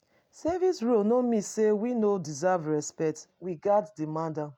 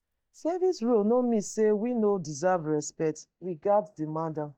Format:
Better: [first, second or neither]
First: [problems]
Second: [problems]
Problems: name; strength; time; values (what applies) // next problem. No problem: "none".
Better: first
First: none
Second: noise reduction (neural mask model DeepFilterNet 3)